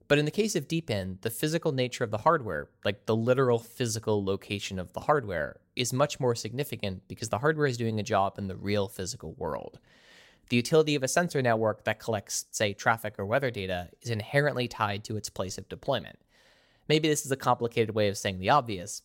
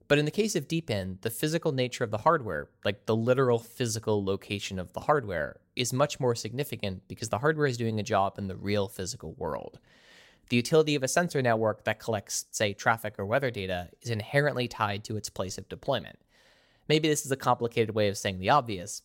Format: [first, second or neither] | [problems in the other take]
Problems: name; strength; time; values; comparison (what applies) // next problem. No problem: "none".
neither | none